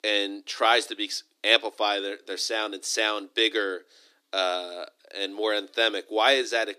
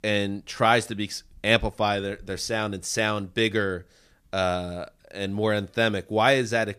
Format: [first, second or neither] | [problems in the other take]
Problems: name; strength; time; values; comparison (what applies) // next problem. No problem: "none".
second | thin; somewhat; fading below 300 Hz